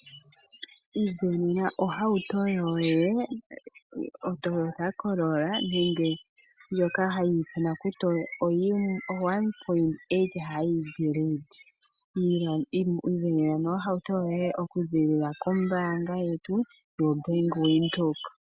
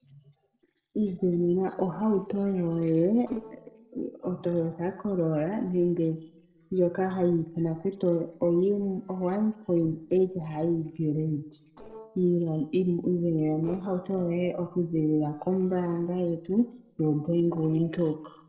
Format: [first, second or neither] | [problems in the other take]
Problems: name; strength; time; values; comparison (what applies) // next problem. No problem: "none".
first | noise reduction (neural separator model SepFormer DNS4)